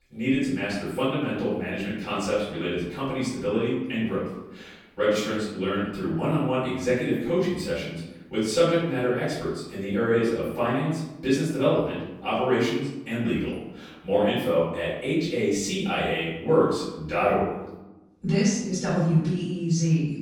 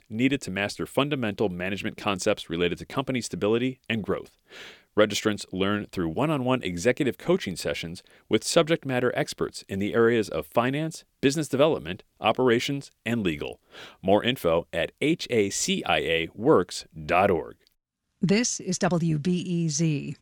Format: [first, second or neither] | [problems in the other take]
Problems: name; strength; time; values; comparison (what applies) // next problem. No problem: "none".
second | off-mic speech; far // room echo; noticeable; dies away in 0.9 s